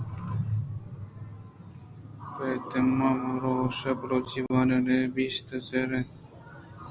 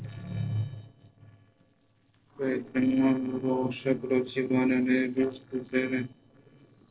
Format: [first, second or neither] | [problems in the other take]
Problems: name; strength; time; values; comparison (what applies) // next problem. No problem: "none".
first | noise reduction (neural separator model SepFormer DNS4)